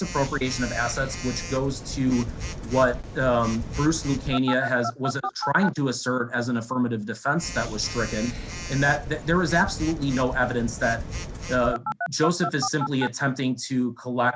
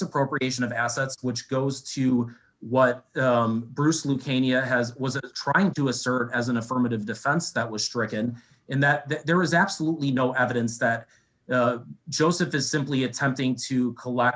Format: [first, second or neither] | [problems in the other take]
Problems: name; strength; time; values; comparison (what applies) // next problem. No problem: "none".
second | background sound (Telephone); 9 dB below the speech